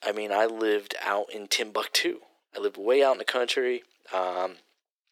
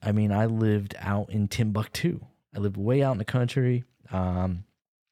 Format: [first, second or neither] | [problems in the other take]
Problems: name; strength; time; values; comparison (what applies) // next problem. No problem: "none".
second | thin; very; fading below 350 Hz